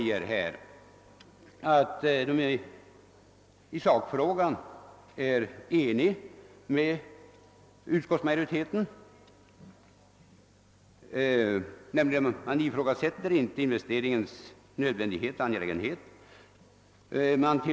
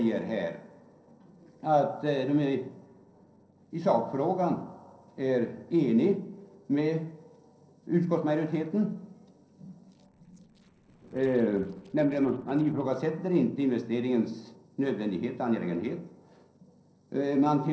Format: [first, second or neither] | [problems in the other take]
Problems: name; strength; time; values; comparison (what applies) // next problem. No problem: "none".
first | noise reduction (neural separator model SepFormer DNS4)